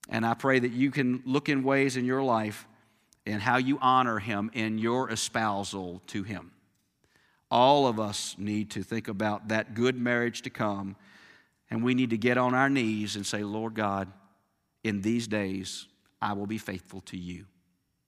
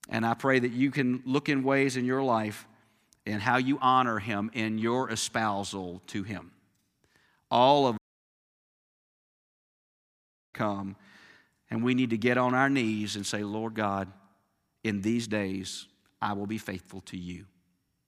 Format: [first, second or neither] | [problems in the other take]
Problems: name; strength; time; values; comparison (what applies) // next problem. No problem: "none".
first | audio cutting out; at 8 s for 2.5 s